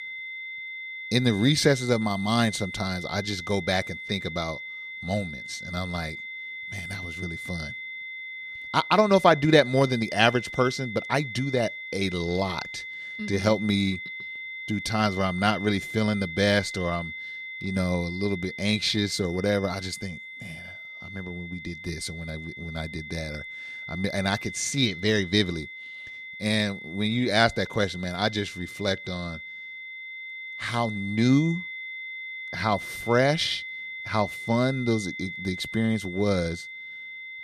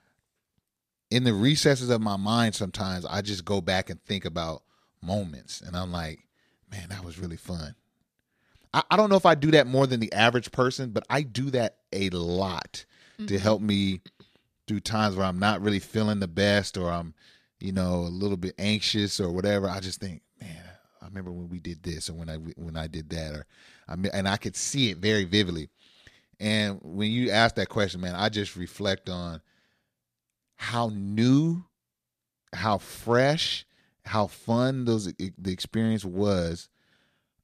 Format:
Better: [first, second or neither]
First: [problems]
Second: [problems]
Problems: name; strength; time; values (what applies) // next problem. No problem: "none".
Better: second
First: high-pitched whine; loud; throughout; 2 kHz, 10 dB below the speech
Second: none